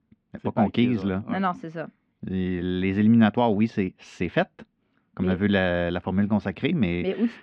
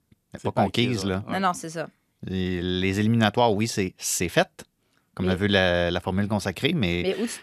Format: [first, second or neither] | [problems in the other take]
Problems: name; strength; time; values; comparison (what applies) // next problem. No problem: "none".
second | muffled; very; fading above 3 kHz